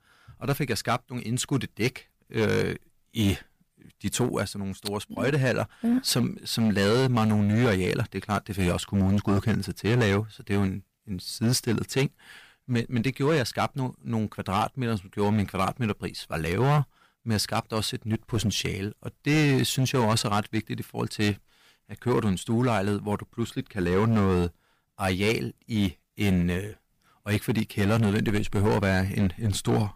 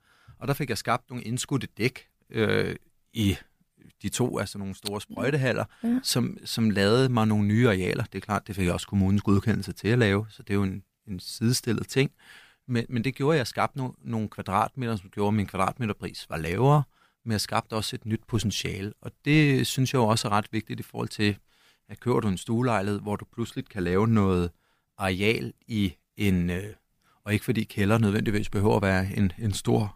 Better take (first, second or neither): second